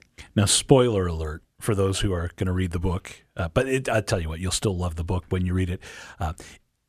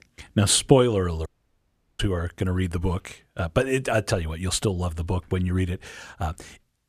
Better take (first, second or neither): first